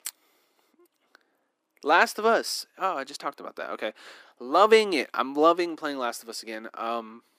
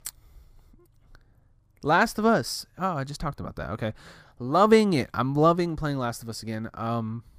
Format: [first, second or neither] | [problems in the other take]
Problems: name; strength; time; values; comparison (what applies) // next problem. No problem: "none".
second | thin; somewhat; fading below 300 Hz